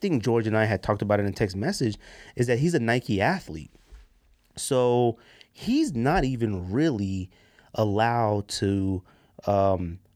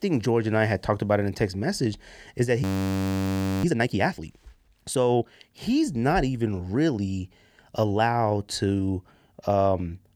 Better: first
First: none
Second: audio freezing; at 2.5 s for 1 s

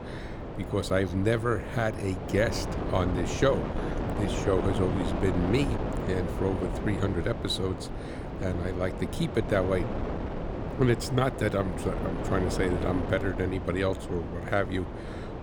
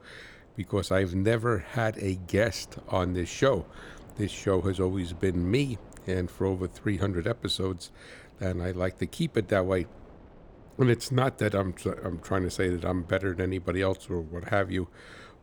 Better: second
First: wind noise on the microphone; heavy; 6 dB below the speech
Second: wind noise on the microphone; occasional gusts; 25 dB below the speech

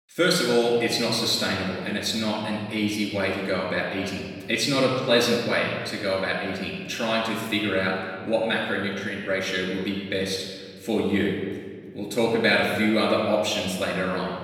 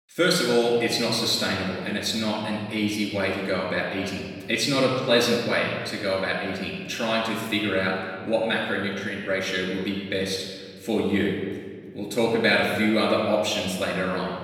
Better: neither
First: off-mic speech; far // room echo; noticeable; dies away in 1.5 s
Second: off-mic speech; far // room echo; noticeable; dies away in 1.5 s

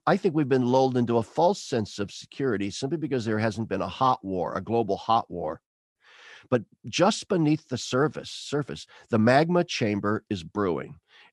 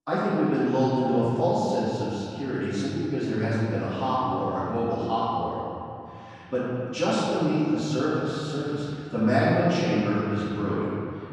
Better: first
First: none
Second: off-mic speech; far // room echo; strong; dies away in 2.9 s

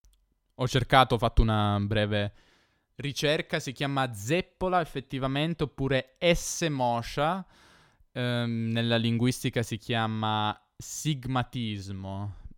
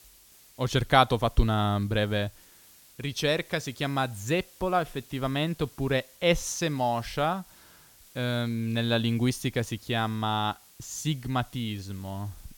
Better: first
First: none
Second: hiss; faint; throughout; 25 dB below the speech

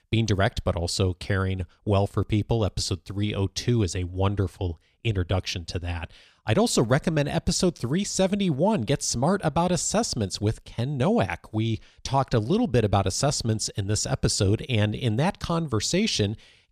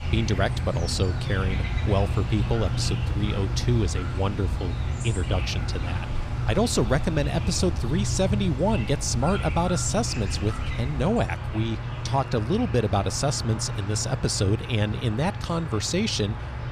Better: first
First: none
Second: animal sounds; loud; throughout; 4 dB below the speech

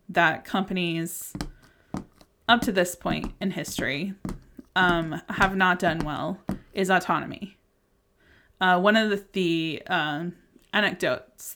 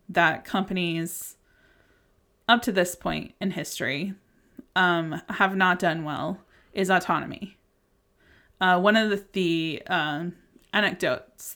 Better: second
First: footsteps; faint; from 1.5 to 6.5 s; peak 10 dB below the speech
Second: none

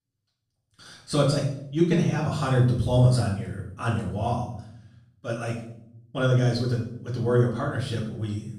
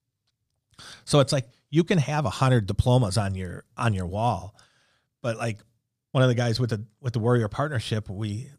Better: second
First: off-mic speech; far // room echo; noticeable; dies away in 0.6 s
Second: none

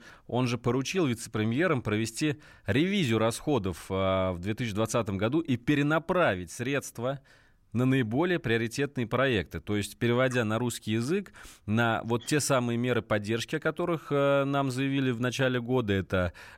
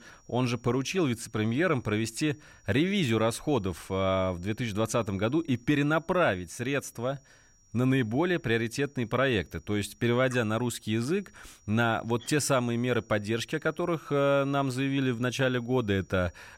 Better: first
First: none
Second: high-pitched whine; faint; throughout; 5.5 kHz, 30 dB below the speech

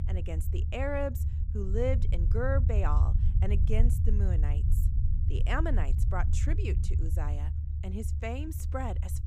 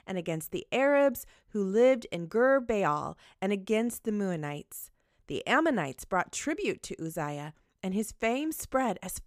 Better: second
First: low rumble; loud; throughout; 9 dB below the speech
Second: none

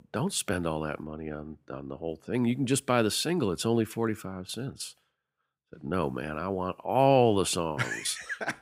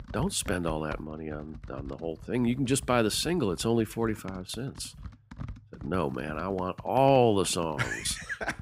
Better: first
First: none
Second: household noises; noticeable; throughout; 20 dB below the speech

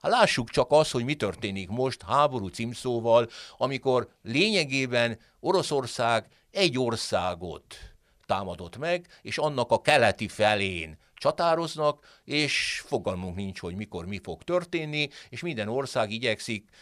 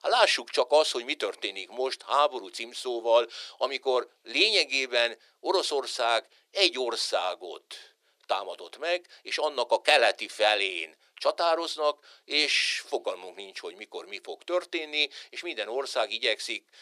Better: first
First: none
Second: thin; very; fading below 350 Hz

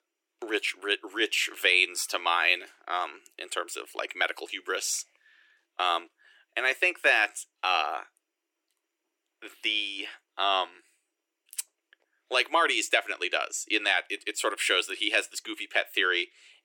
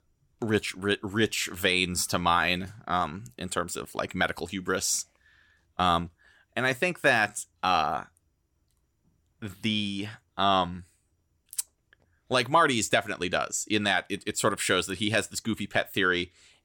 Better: second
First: thin; very; fading below 350 Hz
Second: none

